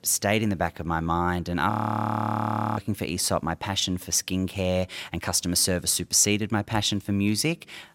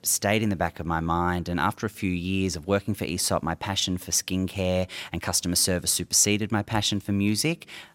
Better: second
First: audio freezing; at 1.5 s for 1 s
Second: none

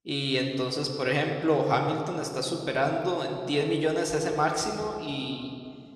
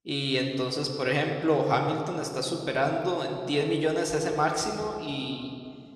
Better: neither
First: room echo; slight; dies away in 1.8 s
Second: room echo; slight; dies away in 1.8 s

